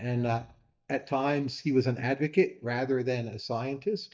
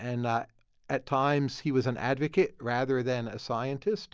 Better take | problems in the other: second | noise reduction (neural mask model DeepFilterNet 3)

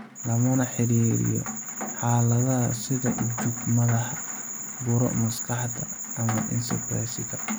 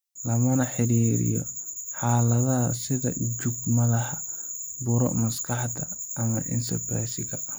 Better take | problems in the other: second | background sound (Rain); 13 dB below the speech

